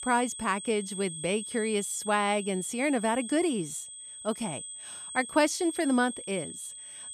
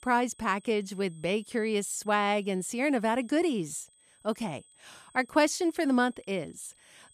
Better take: second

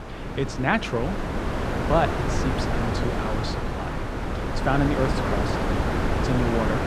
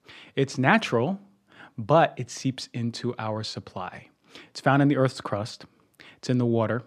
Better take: second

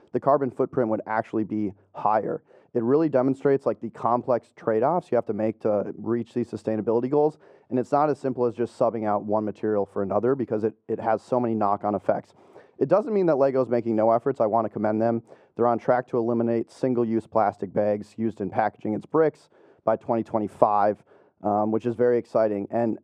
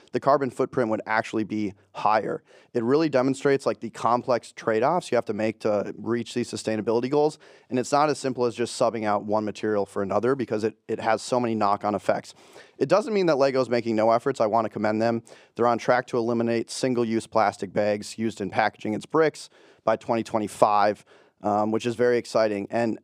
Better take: second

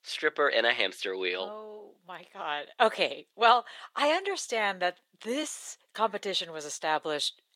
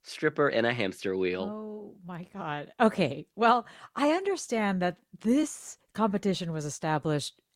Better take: second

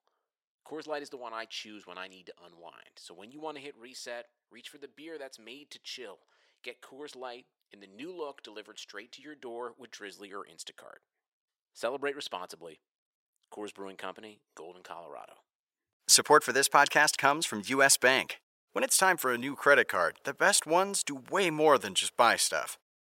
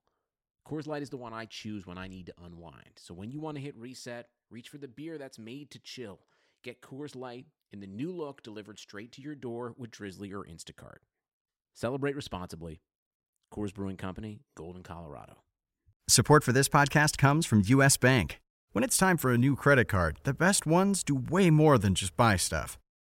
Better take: second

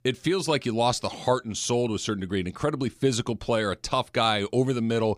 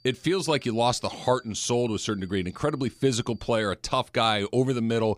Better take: first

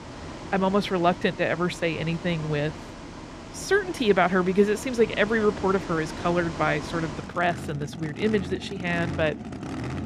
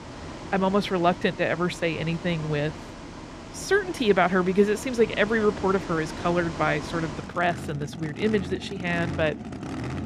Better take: neither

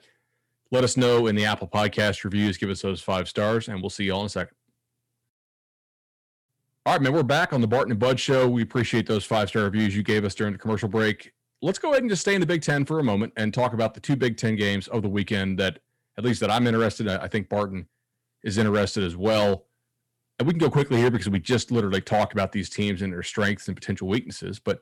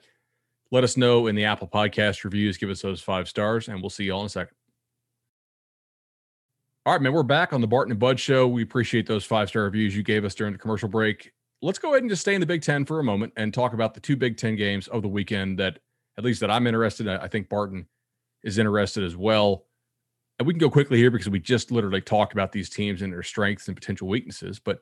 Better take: second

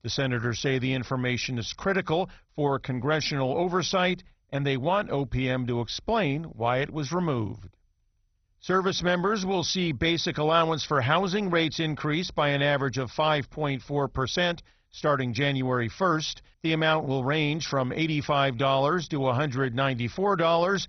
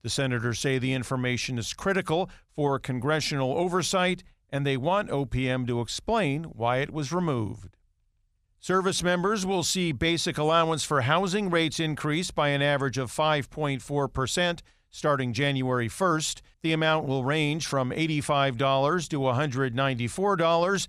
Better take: second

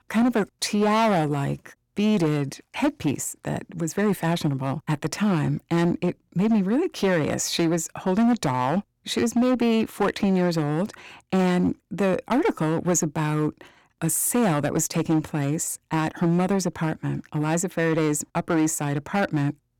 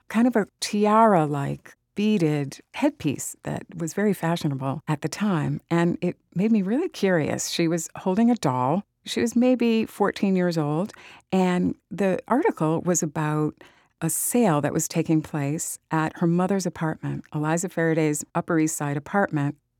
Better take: second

